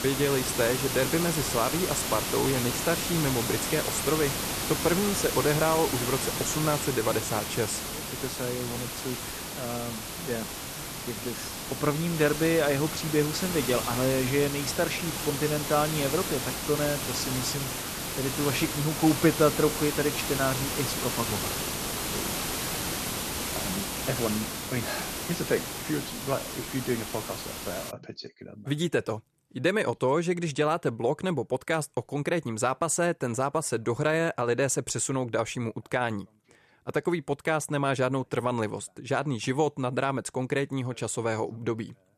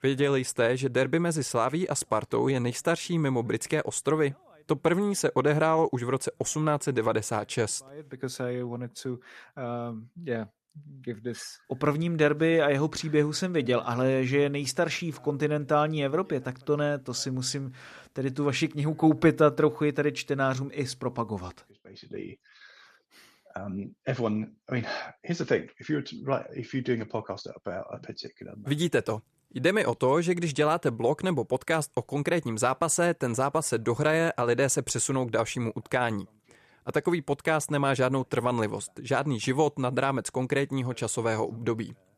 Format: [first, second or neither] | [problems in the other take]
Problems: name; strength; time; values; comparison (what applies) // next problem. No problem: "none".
second | hiss; loud; until 28 s; 2 dB below the speech